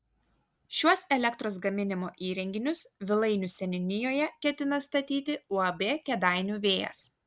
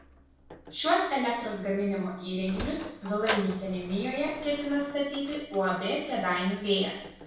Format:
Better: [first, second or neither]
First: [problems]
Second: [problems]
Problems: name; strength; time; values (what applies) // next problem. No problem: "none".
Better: first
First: none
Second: background sound (Sliding door); 13 dB below the speech // room echo; dies away in 0.7 s